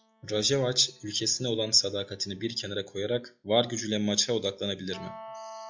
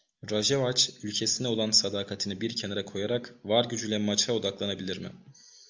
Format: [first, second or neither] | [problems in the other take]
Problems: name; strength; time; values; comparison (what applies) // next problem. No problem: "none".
second | noise reduction (classical method log-MMSE)